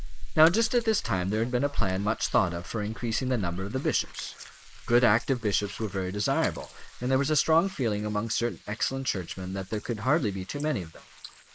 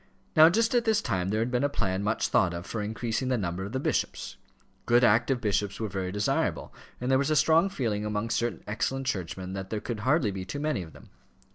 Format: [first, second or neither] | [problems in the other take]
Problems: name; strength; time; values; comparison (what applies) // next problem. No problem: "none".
second | noise reduction (neural mask model Resemble Enhance denoiser)